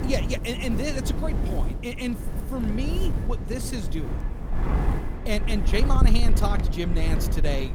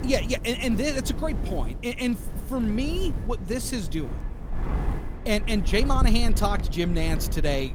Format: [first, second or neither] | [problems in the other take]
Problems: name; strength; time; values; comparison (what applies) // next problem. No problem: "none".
second | wind noise on the microphone; heavy; 6 dB below the speech; occasional gusts in the second